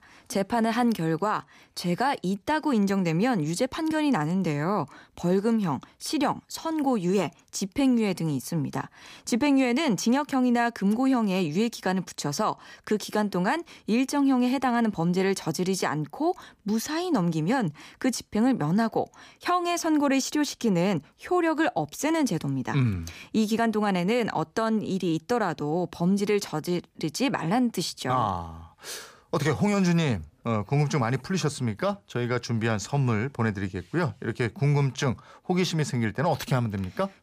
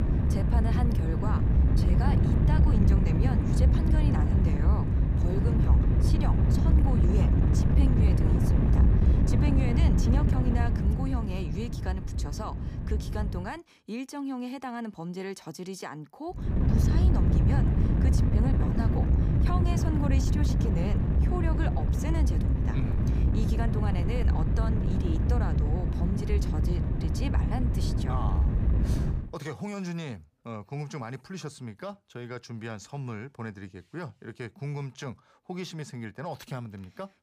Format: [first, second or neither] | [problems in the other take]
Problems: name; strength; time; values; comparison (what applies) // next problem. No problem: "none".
first | wind noise on the microphone; heavy; until 13 s and from 16 to 29 s; 2 dB above the speech